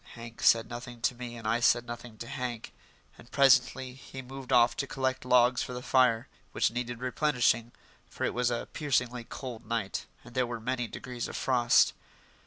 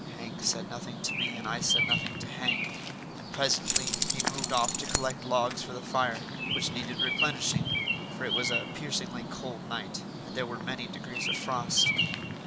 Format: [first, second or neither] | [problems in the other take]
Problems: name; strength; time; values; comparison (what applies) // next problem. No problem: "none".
first | background sound (Bird vocalization, bird call, bird song + Keys jangling); 2 dB above the speech